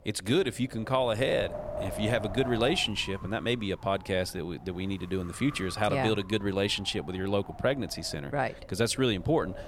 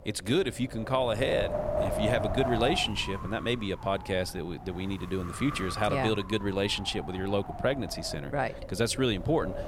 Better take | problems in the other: first | wind noise on the microphone; heavy; 5 dB below the speech; occasional gusts in the first

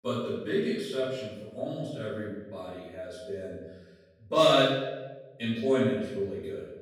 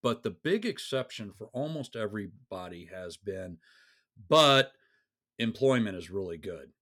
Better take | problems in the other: second | off-mic speech; far // room echo; strong; dies away in 0.9 s

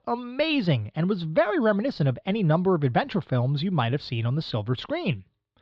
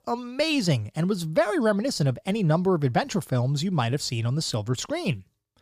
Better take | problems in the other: second | muffled; slightly; fading above 4 kHz

